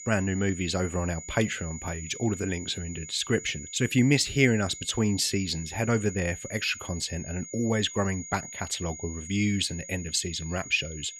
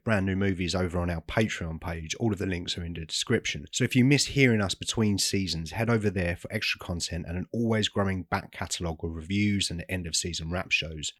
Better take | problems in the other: second | high-pitched whine; noticeable; throughout; 7 kHz, 10 dB below the speech

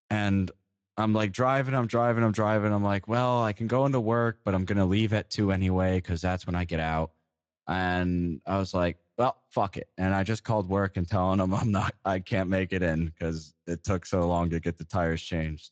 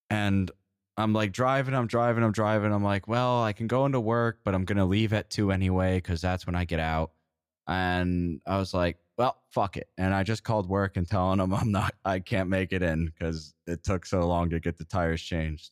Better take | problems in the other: second | garbled, watery; slightly; nothing above 7.5 kHz

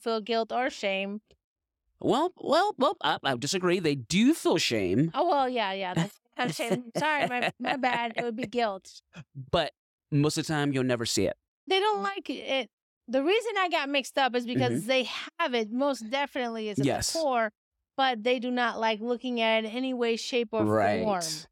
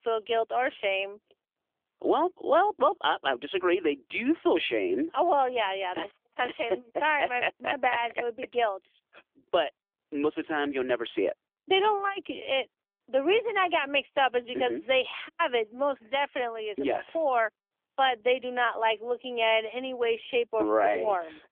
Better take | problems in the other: first | phone-call audio; nothing above 3.5 kHz

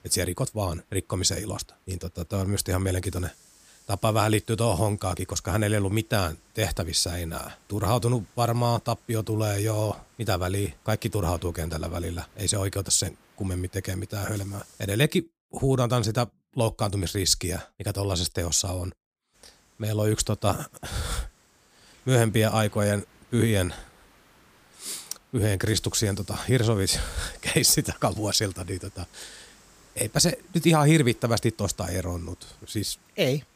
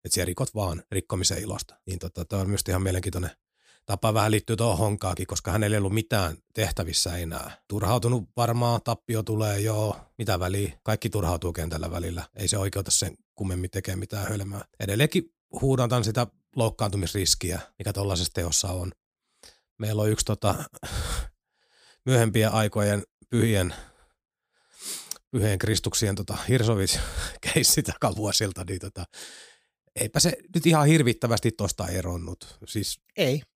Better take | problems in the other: second | hiss; faint; until 15 s and from 19 s on; 30 dB below the speech

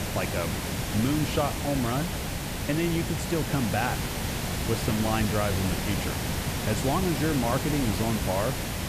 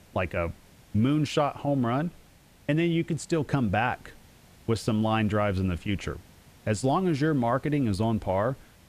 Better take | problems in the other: second | hiss; loud; throughout; 1 dB below the speech; faint in the second

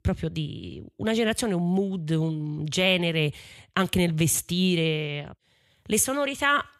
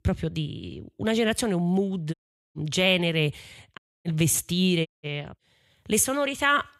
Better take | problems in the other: first | audio cutting out; at 2 s, at 4 s and at 5 s

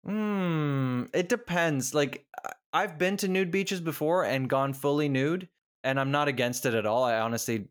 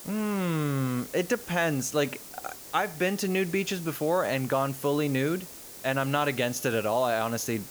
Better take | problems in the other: first | hiss; noticeable; throughout; 15 dB below the speech

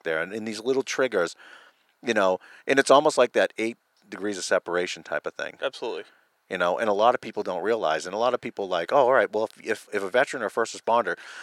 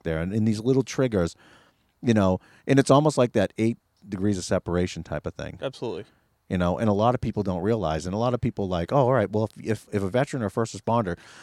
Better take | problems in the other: second | thin; somewhat; fading below 500 Hz

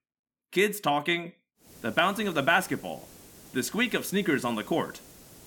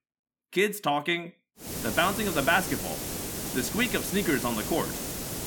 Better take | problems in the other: first | hiss; loud; from 1.5 s on; 5 dB below the speech; faint in the first

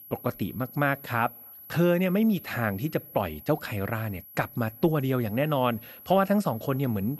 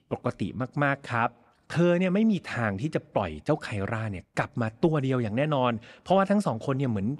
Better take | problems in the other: second | high-pitched whine; noticeable; throughout; 11.5 kHz, 15 dB below the speech

